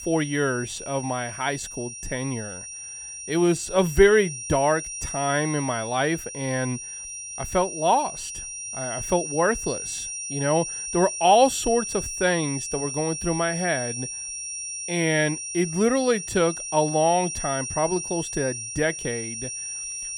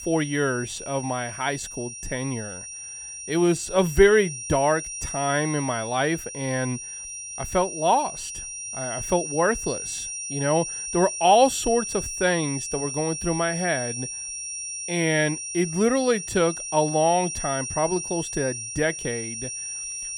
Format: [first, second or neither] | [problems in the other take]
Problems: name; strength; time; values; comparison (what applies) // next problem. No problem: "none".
neither | high-pitched whine; loud; throughout; 5.5 kHz, 7 dB below the speech; the same in both